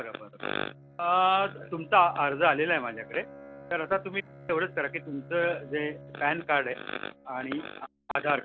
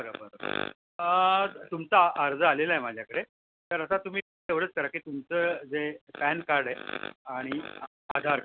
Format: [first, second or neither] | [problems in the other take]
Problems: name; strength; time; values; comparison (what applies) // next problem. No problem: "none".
second | background sound (Bowed string instrument); 19 dB below the speech